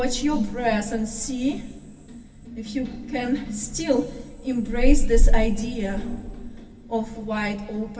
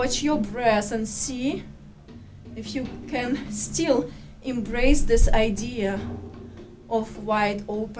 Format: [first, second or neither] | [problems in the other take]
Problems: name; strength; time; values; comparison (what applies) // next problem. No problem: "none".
second | room echo; dies away in 2.7 s